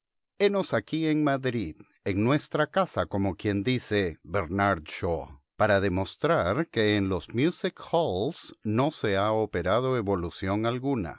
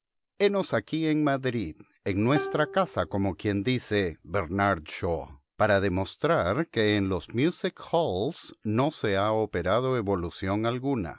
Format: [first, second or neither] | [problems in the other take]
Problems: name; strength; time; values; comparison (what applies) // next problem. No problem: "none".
first | background sound (Plucked string instrument); 13 dB below the speech